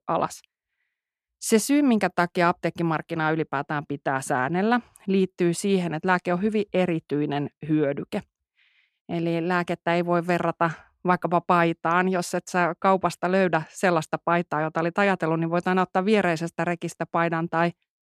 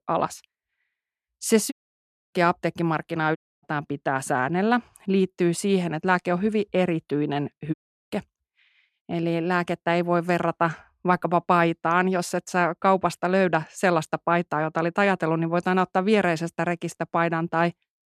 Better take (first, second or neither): first